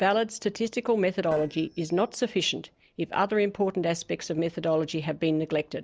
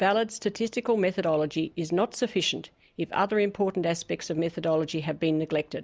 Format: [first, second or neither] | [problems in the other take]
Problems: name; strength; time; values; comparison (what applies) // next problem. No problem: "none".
second | noise reduction (neural separator model SepFormer DNS4)